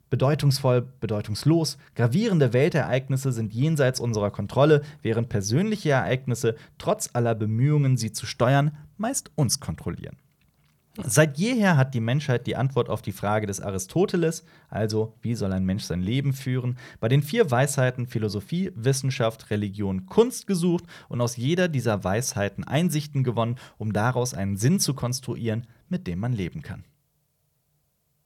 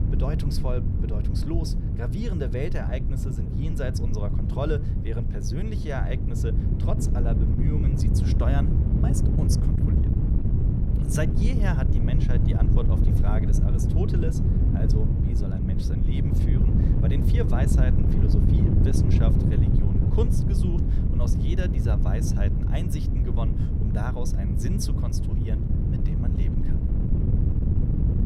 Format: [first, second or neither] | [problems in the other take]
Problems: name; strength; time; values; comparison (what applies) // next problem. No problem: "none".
first | wind noise on the microphone; heavy; 1 dB above the speech